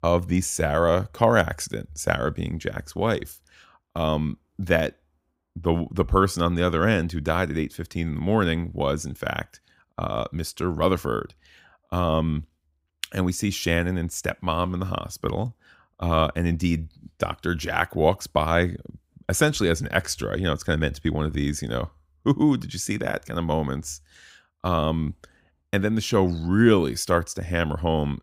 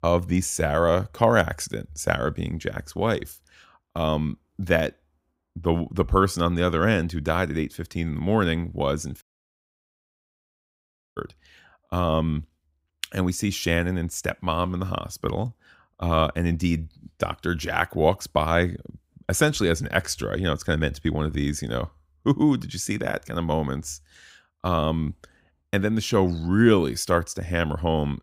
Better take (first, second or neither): first